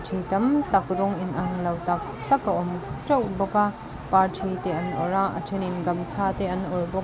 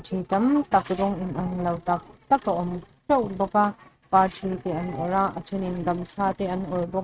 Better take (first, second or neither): first